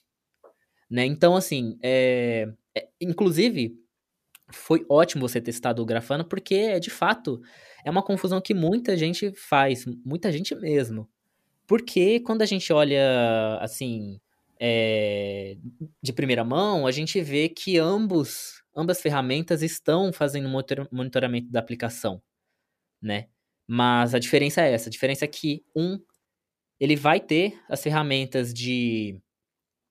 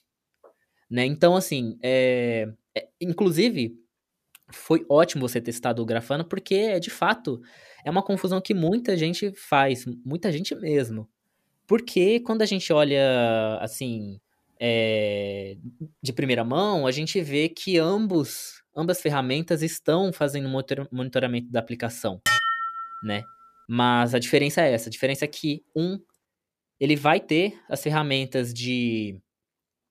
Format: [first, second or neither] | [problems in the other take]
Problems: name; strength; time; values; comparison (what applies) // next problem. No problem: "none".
first | clattering dishes; loud; at 22 s; peak 4 dB above the speech